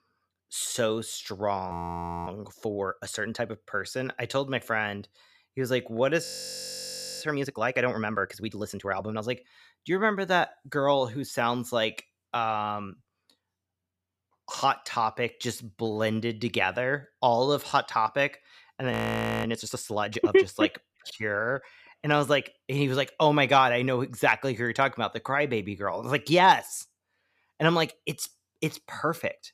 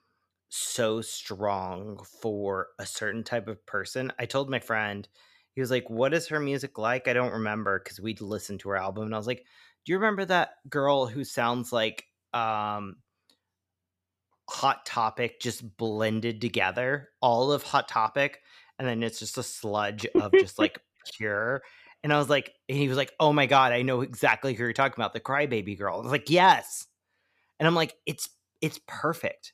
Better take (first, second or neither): second